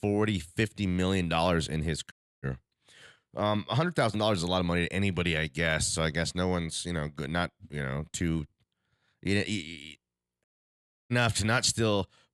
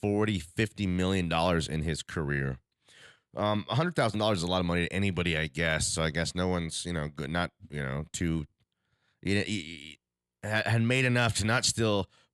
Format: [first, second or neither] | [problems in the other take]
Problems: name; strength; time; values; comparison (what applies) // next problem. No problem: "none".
second | audio cutting out; at 2 s and at 10 s for 0.5 s